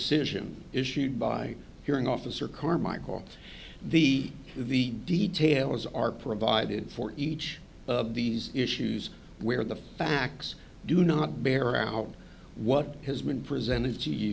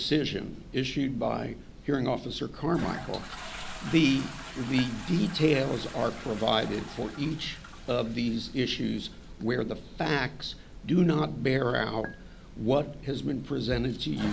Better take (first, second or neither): first